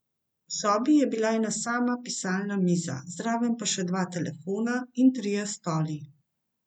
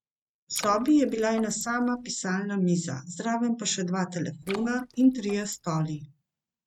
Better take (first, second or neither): first